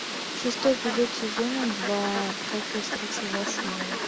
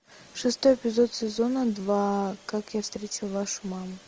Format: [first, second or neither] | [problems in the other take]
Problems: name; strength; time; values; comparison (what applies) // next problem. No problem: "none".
second | background sound (Fowl); 2 dB below the speech